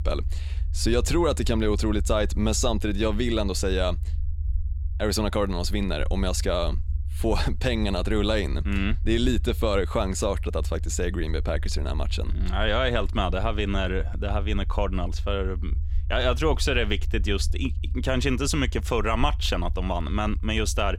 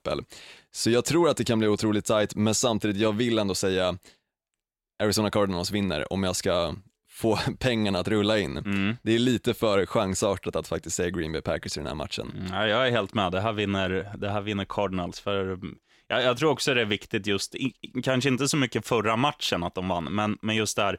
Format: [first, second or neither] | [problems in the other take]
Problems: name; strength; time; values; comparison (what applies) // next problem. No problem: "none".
second | low rumble; faint; throughout; 20 dB below the speech